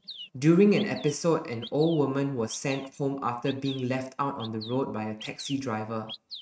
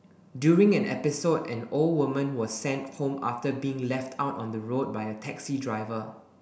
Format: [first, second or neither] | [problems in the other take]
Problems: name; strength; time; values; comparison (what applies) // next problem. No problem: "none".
second | noise reduction (neural mask model RNNoise)